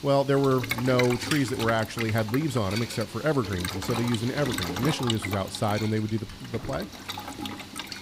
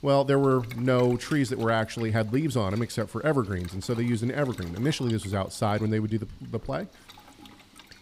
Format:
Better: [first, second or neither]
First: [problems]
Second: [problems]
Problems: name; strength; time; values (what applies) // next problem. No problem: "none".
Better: second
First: household noises; loud; throughout; 6 dB below the speech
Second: household noises; faint; throughout; 20 dB below the speech